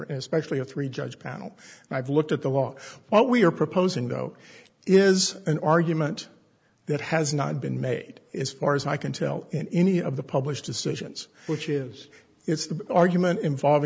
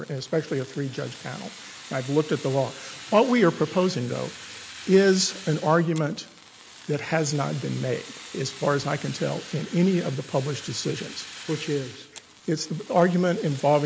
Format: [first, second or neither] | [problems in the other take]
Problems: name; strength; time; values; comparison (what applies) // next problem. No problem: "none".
first | background sound (Fire); 17 dB below the speech